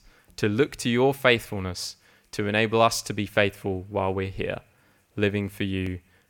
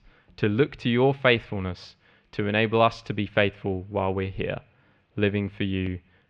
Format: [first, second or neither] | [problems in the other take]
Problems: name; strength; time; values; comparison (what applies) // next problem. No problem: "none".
first | muffled; slightly; fading above 3.5 kHz